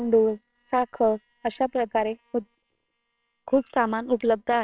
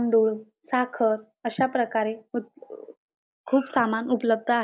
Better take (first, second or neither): second